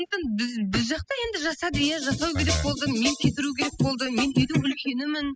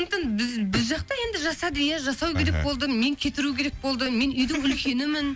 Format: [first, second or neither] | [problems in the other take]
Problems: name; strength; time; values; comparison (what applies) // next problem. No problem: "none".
second | noise reduction (classical method spectral subtraction)